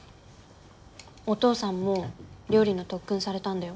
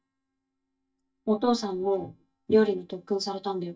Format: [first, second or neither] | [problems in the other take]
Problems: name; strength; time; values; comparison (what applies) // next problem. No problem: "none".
first | noise reduction (neural mask model DeepFilterNet 3)